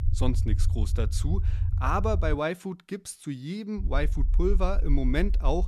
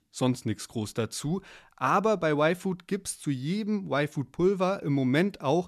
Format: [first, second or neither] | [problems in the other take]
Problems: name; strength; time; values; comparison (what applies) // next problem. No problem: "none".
second | low rumble; noticeable; until 2.5 s and from 4 s on; 15 dB below the speech